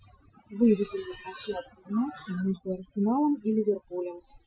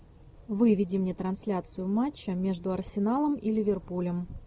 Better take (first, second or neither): second